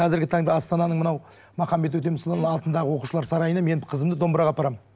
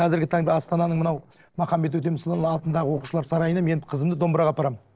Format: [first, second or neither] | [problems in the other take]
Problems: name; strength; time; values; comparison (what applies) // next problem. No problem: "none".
first | noise reduction (neural separator model SepFormer DNS4)